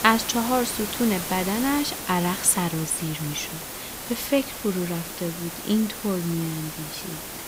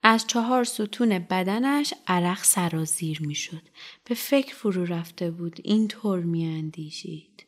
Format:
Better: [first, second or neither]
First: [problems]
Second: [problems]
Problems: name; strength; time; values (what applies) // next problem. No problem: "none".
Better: second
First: hiss; loud; throughout; 6 dB below the speech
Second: none